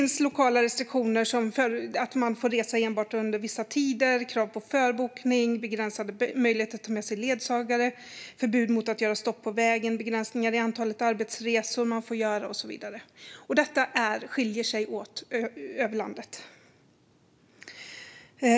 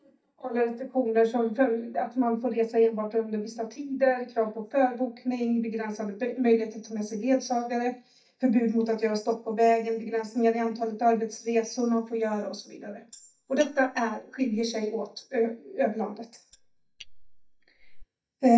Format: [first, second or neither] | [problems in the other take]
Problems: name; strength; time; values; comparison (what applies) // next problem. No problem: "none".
first | noise reduction (neural mask model DeepFilterNet 3)